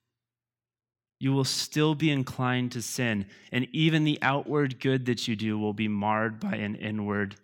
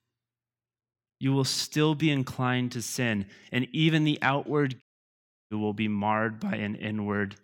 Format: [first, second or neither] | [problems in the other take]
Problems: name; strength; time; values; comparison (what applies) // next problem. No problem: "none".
first | audio cutting out; at 5 s for 0.5 s